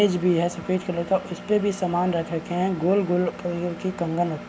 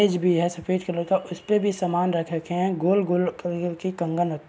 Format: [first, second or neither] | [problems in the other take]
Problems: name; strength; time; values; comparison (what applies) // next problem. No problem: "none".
second | background sound (Engine); 15 dB below the speech